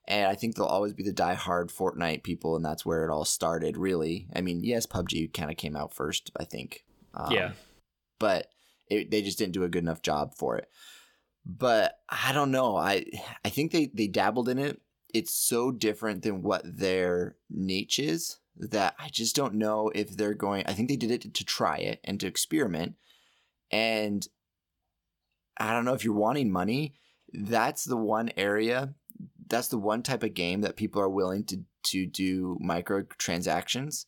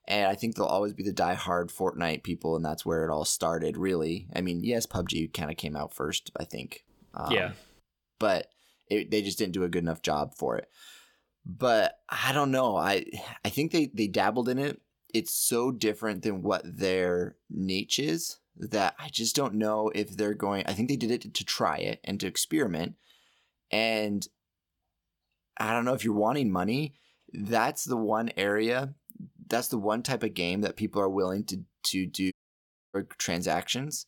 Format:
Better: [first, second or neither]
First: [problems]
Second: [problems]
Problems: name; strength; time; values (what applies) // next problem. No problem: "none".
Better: first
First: none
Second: audio cutting out; at 32 s for 0.5 s